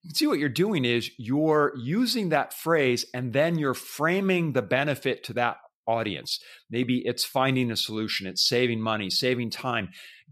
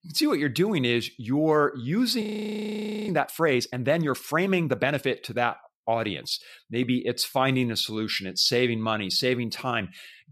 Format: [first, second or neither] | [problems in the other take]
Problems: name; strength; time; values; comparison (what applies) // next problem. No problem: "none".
first | audio freezing; at 2 s for 1 s